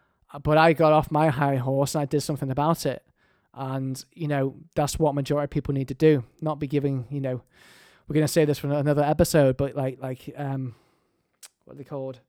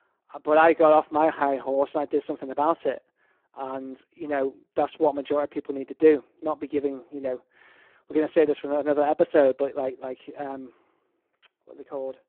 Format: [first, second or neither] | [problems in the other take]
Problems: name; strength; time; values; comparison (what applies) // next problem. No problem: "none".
first | phone-call audio; poor line; nothing above 3.5 kHz